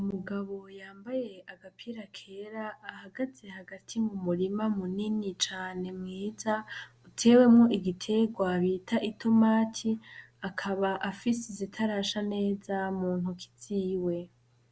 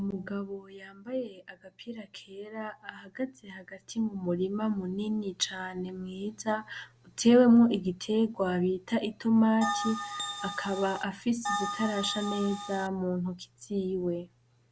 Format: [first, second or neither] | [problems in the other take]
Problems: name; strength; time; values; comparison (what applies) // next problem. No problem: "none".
first | background sound (Bell); 5 dB below the speech